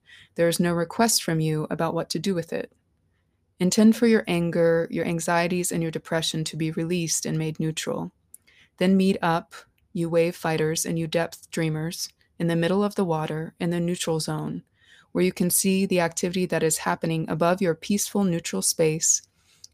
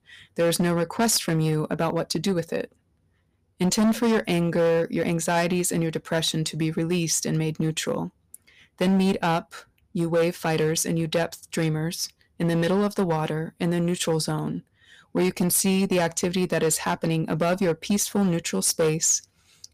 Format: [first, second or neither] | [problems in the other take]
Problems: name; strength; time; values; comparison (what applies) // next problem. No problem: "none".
first | distortion; slight; 8% of the sound clipped